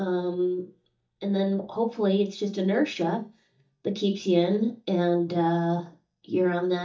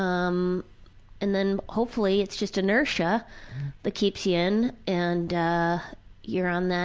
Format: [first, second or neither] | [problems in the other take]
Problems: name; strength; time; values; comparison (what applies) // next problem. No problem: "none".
second | noise reduction (neural mask model DeepFilterNet 3)